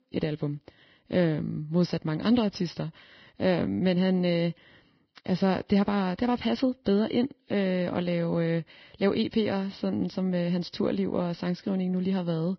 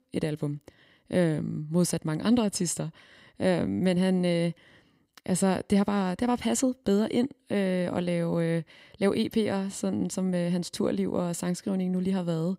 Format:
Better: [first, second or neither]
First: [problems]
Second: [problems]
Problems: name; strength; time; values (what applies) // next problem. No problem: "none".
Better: second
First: garbled, watery; badly; nothing above 5.5 kHz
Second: none